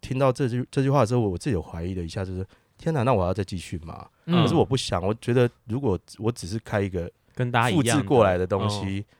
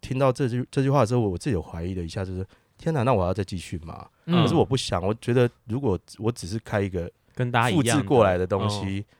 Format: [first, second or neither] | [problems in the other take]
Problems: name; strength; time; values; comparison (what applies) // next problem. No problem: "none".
neither | none